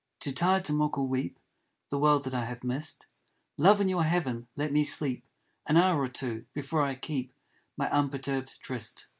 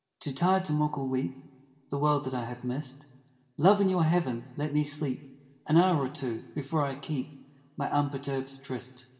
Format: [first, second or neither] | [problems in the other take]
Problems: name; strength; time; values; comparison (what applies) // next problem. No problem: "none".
first | room echo; dies away in 1.4 s